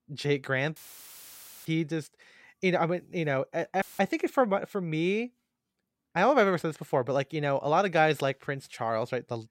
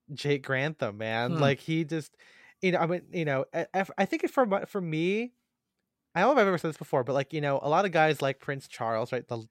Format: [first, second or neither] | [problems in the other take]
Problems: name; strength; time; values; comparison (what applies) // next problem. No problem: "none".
second | audio cutting out; filled with static; at 1 s for 1 s and at 4 s